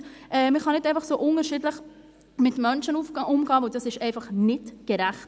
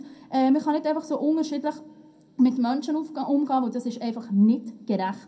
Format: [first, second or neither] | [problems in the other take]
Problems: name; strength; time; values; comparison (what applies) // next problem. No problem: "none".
first | room echo; dies away in 0.2 s